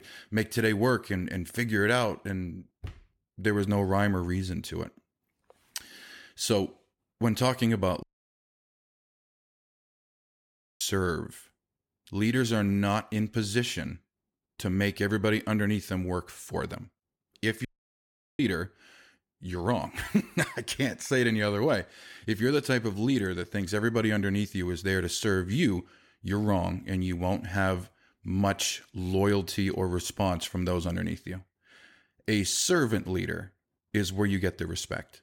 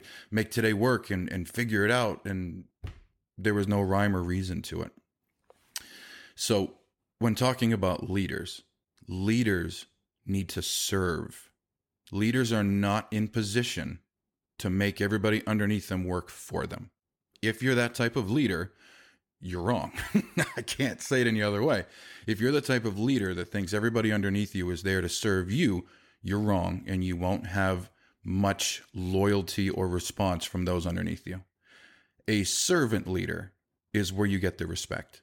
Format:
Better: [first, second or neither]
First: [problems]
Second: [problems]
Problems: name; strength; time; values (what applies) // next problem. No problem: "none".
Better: second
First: audio cutting out; at 8 s for 3 s and at 18 s for 0.5 s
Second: none